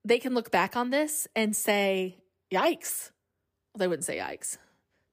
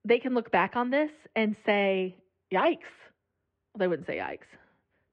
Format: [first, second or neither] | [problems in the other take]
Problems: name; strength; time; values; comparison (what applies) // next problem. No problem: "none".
first | muffled; very; fading above 3 kHz